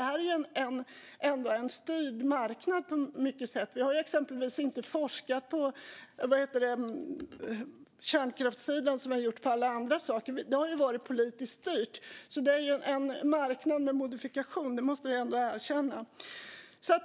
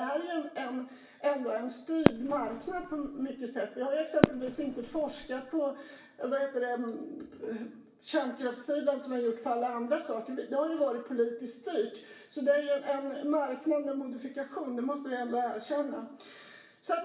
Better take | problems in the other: first | background sound (Fireworks); 1 dB above the speech // room echo; dies away in 0.8 s

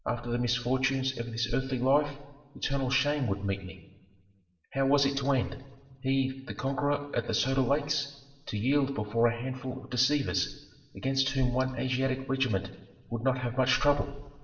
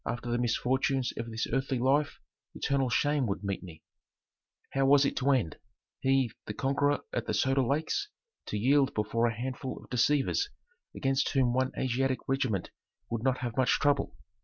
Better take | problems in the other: second | room echo; dies away in 1 s

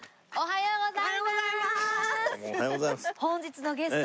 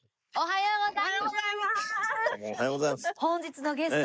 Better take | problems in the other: first | noise reduction (neural mask model Resemble Enhance denoiser)

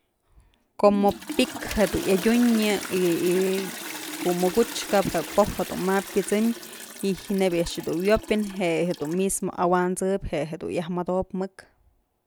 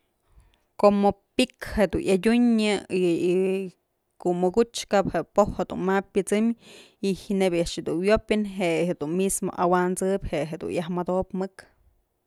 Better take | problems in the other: second | background sound (Toilet flush); 13 dB below the speech

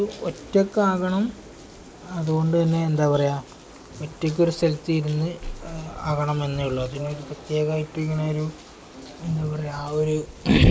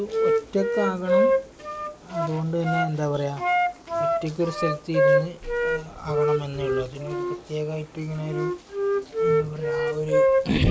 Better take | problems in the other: first | background sound (Wind instrument, woodwind instrument); 4 dB above the speech

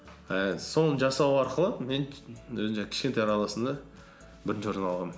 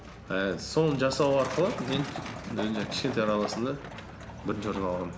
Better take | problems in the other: first | background sound (Truck); 10 dB below the speech

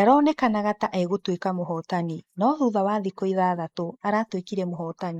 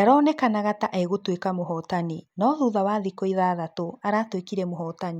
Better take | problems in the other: second | noise reduction (neural mask model Resemble Enhance denoiser)

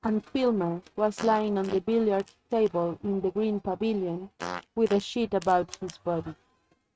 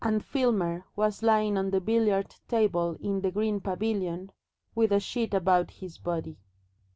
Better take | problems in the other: second | noise reduction (neural mask model RNNoise)

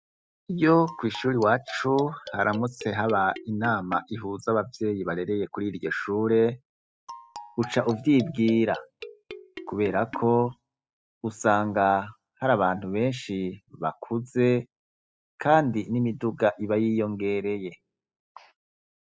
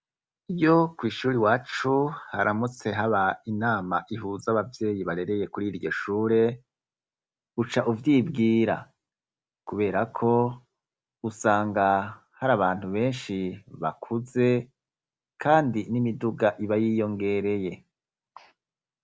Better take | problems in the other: second | noise reduction (classical method spectral subtraction)

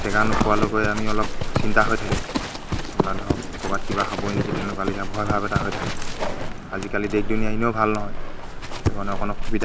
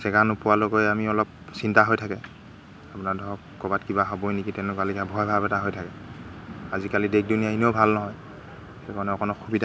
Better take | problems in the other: second | background sound (Livestock, farm animals, working animals); 2 dB above the speech

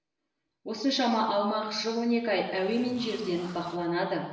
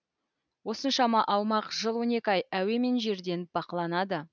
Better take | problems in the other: second | background sound (Zipper (clothing)); 18 dB below the speech // room echo; dies away in 0.9 s

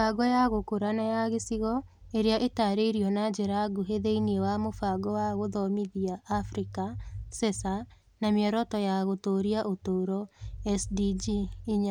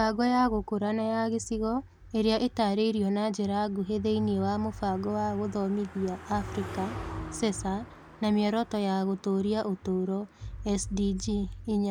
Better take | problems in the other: first | background sound (Car passing by); 19 dB below the speech

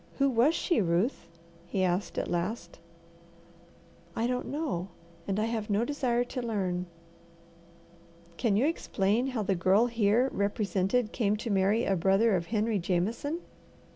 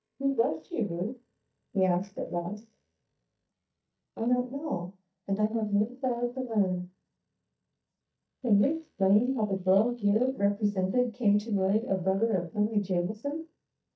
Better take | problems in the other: first | noise reduction (neural mask model DeepFilterNet 3)

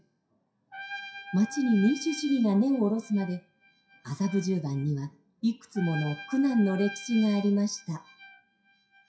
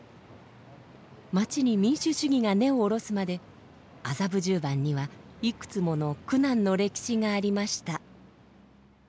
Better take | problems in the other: second | noise reduction (classical method WPE with log-MMSE)

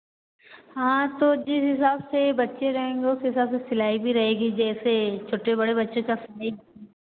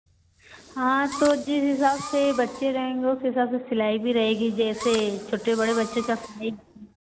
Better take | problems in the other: first | background sound (Fireworks); 15 dB below the speech

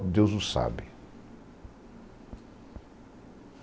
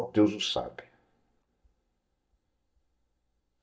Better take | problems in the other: first | noise reduction (neural mask model DeepFilterNet 3)

